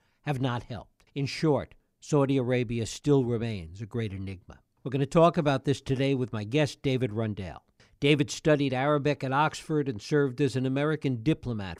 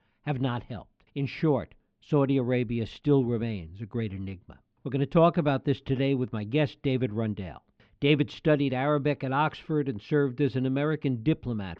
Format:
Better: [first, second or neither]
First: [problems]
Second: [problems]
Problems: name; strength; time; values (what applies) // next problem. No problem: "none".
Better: first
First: none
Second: muffled; slightly; fading above 3.5 kHz